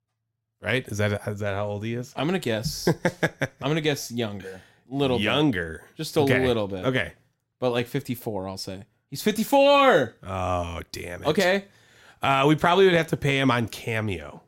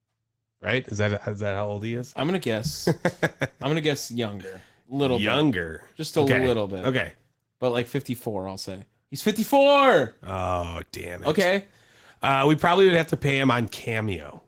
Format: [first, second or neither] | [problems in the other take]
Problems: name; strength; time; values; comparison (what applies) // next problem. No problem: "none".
first | garbled, watery; slightly; nothing above 16 kHz